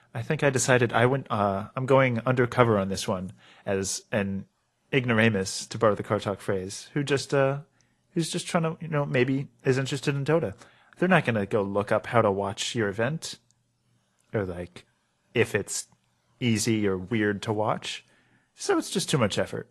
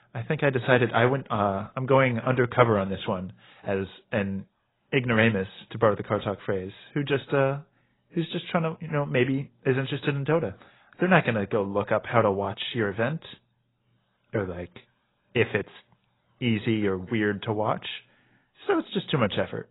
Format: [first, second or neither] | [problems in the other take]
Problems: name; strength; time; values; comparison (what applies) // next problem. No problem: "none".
first | garbled, watery; badly; nothing above 4 kHz; slightly in the first